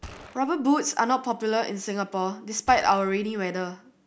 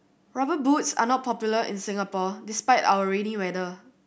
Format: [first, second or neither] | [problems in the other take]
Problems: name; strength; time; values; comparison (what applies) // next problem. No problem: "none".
second | background sound (Gunshot, gunfire); 19 dB below the speech